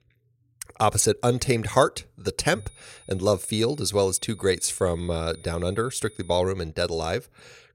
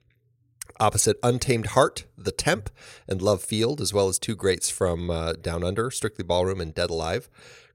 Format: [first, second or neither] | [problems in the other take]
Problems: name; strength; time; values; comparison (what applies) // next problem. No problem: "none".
second | high-pitched whine; faint; from 2.5 to 6.5 s; 9.5 kHz, 25 dB below the speech